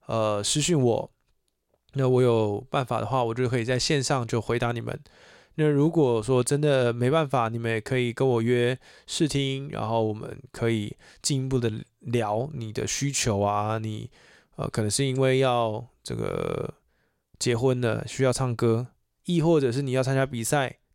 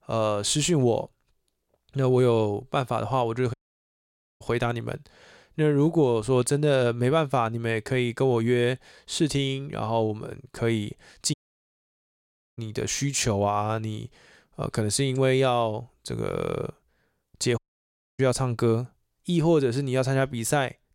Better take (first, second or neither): first